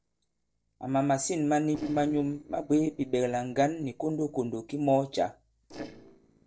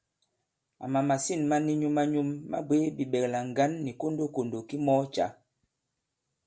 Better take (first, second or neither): second